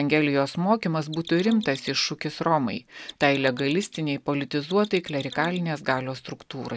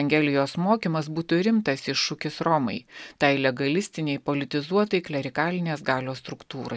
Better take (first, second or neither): second